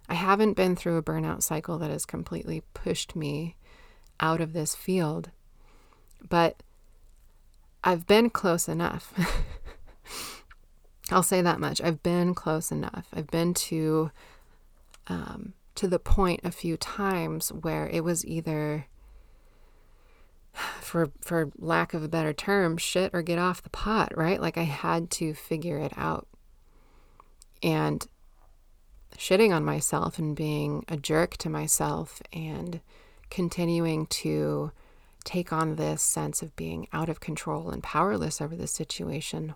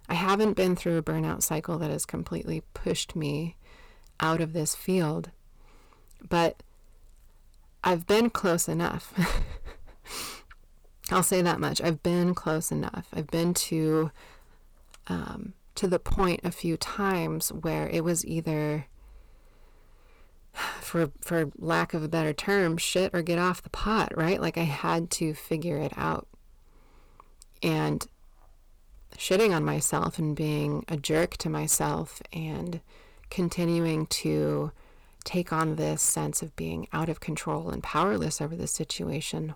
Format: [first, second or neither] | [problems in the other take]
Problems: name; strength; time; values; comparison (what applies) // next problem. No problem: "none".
first | distortion; slight; 3% of the sound clipped